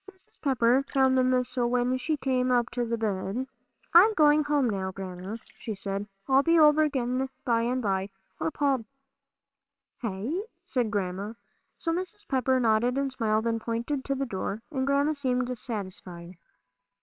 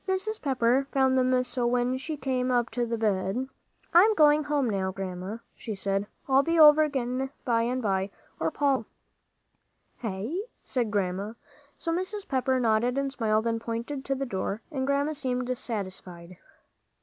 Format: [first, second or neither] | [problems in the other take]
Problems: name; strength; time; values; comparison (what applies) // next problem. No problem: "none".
second | noise reduction (neural separator model SepFormer WHAMR!)